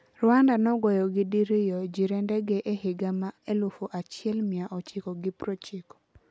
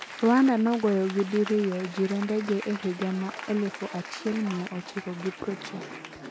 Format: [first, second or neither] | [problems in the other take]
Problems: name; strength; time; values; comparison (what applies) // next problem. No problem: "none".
first | background sound (Applause / Crowd); 13 dB below the speech